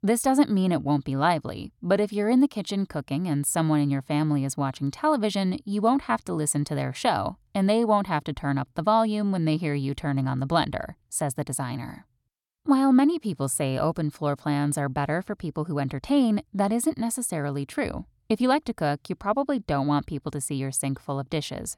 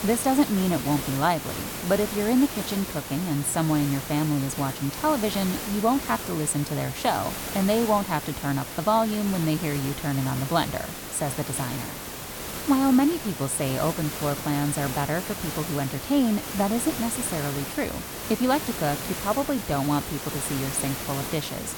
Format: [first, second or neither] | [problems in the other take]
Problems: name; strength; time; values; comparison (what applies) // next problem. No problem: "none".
first | hiss; loud; throughout; 6 dB below the speech